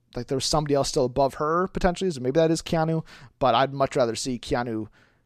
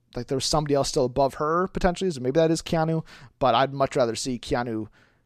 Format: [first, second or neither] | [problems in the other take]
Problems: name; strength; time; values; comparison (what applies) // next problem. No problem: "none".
neither | none